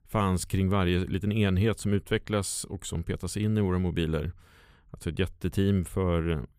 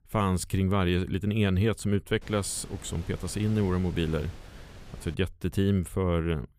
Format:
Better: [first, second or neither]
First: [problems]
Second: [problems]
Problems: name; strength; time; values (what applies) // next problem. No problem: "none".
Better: first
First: none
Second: wind noise on the microphone; occasional gusts; from 2 to 5 s; 20 dB below the speech